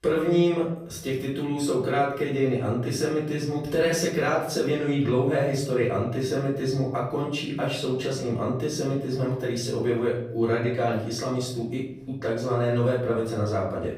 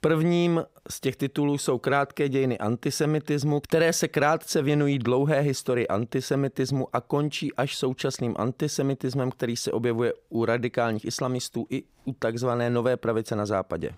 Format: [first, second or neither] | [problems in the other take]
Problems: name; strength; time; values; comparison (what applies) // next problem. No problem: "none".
second | off-mic speech; far // room echo; noticeable; dies away in 0.7 s